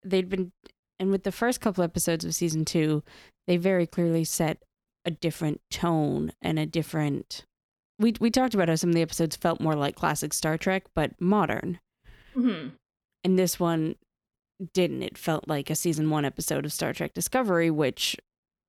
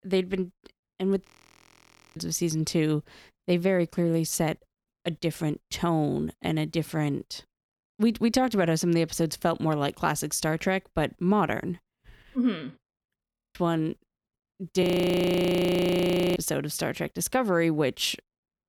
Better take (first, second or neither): first